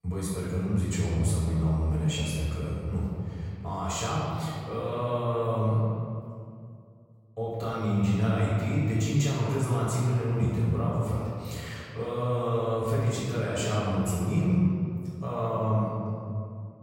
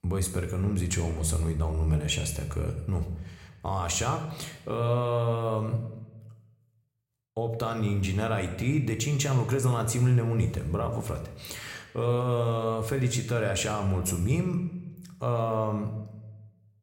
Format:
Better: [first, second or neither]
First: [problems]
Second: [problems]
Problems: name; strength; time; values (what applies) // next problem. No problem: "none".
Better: second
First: room echo; strong; dies away in 2.3 s // off-mic speech; far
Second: room echo; slight; dies away in 0.8 s